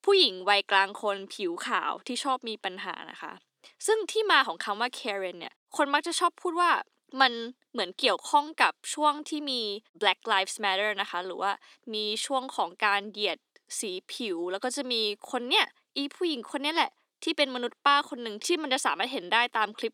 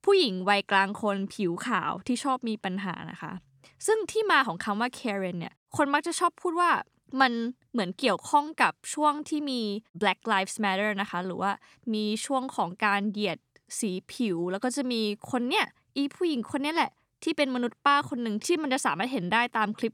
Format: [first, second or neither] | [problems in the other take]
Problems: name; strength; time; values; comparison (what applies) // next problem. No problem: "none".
second | thin; somewhat; fading below 300 Hz